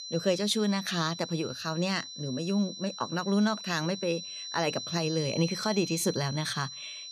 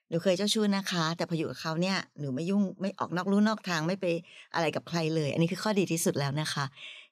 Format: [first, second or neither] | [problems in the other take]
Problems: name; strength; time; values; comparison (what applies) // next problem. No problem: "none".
second | high-pitched whine; loud; throughout; 4 kHz, 8 dB below the speech